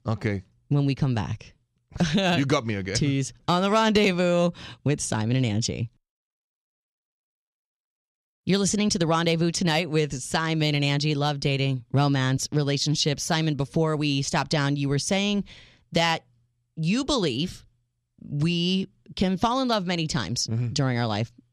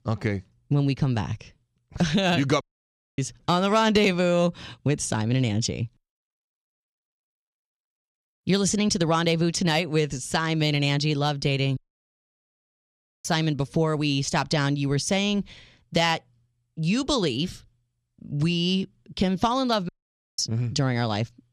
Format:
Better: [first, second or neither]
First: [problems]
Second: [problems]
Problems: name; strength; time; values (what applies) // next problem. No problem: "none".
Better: first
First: none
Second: audio cutting out; at 2.5 s for 0.5 s, at 12 s for 1.5 s and at 20 s